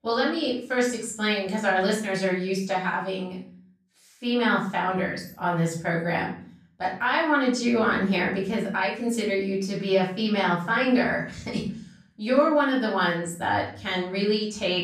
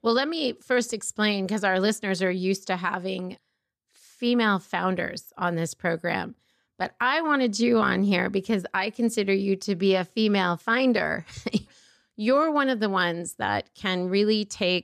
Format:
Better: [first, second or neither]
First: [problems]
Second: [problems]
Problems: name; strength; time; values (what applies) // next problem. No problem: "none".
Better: second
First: off-mic speech; far // room echo; slight; dies away in 0.4 s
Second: none